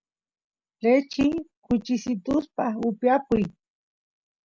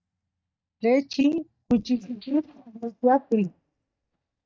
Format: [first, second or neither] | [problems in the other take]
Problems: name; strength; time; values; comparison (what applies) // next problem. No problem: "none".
first | noise reduction (neural mask model DeepFilterNet 3)